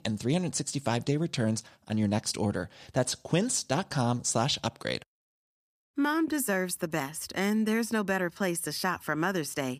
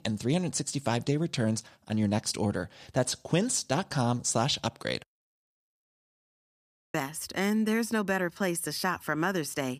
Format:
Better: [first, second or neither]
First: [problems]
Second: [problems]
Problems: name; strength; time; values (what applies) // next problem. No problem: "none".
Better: first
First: none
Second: audio cutting out; at 6 s for 1 s